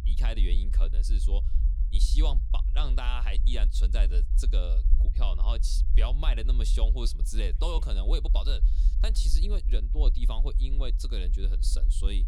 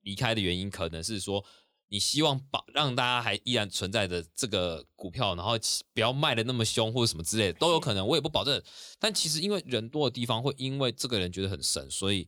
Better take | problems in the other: second | low rumble; noticeable; throughout; 10 dB below the speech

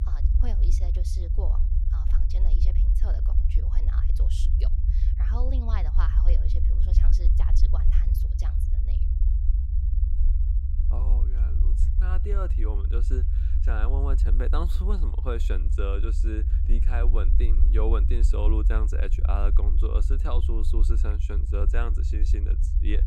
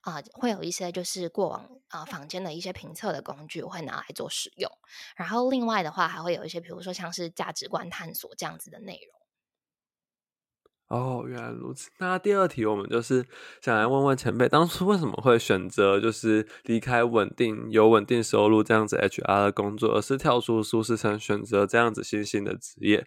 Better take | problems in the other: second | low rumble; loud; throughout; 7 dB below the speech

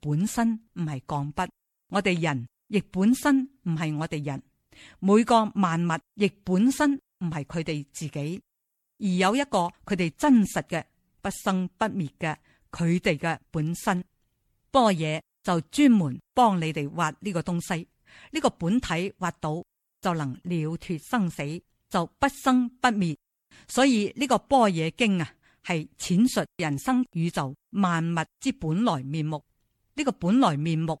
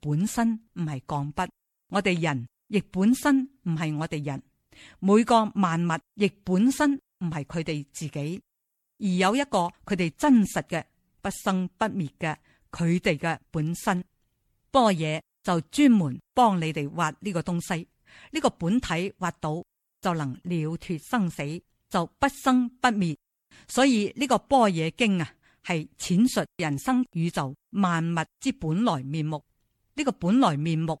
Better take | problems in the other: neither | none

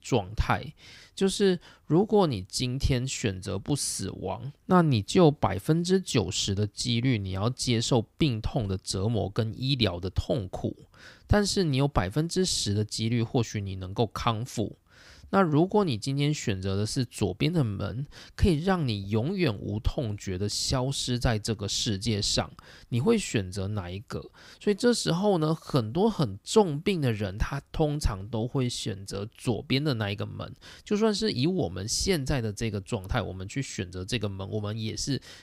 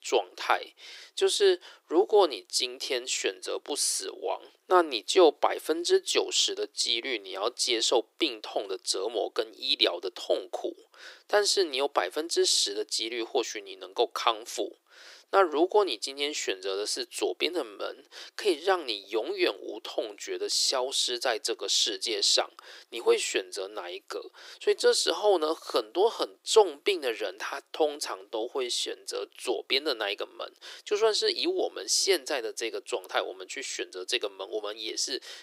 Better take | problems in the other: first | thin; very; fading below 350 Hz

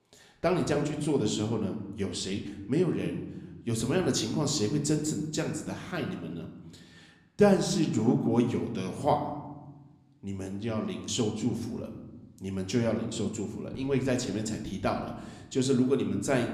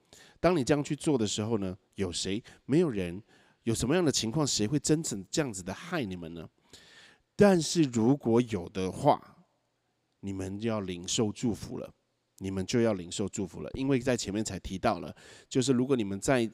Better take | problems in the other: second | room echo; slight; dies away in 1 s

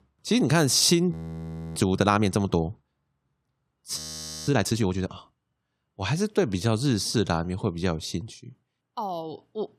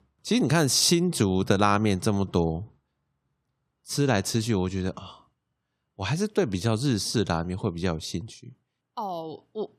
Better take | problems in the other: second | audio freezing; at 1 s for 0.5 s and at 4 s

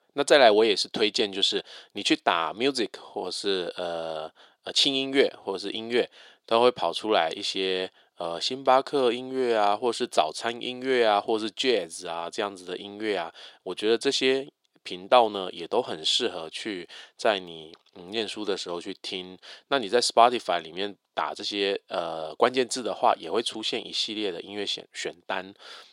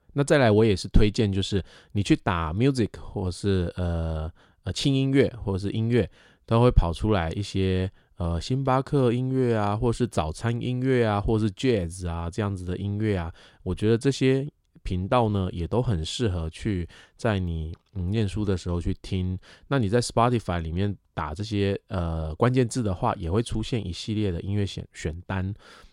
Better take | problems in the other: second | thin; very; fading below 350 Hz

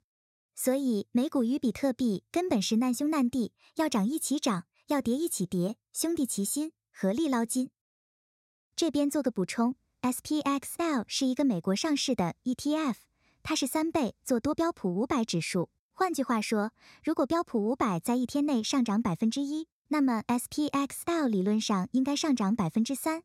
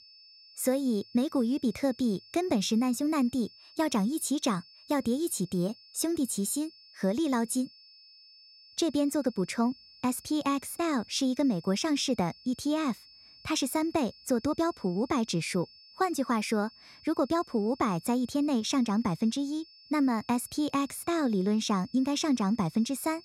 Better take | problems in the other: first | high-pitched whine; faint; throughout; 5 kHz, 25 dB below the speech

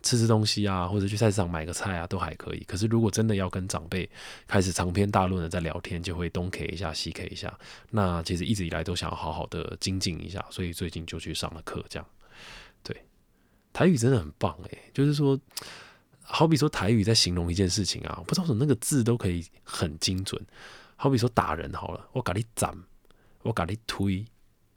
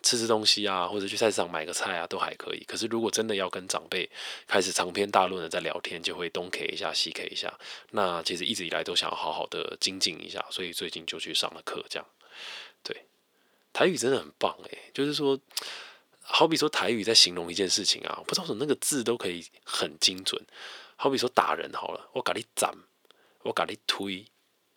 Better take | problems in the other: first | thin; somewhat; fading below 450 Hz

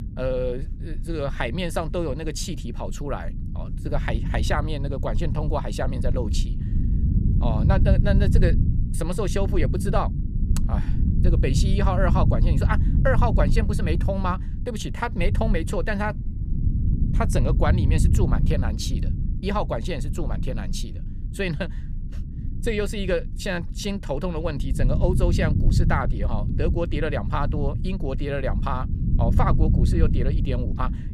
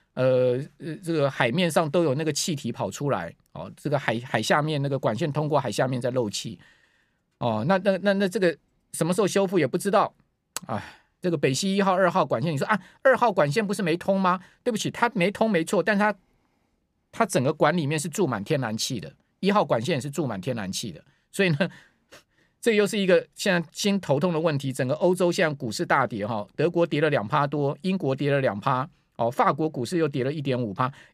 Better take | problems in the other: second | low rumble; loud; throughout; 9 dB below the speech

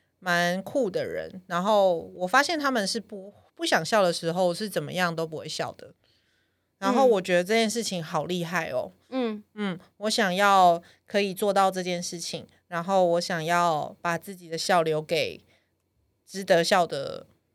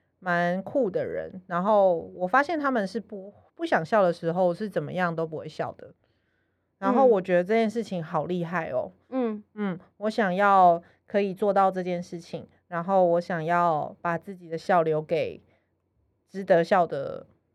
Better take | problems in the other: first | muffled; very; fading above 3 kHz

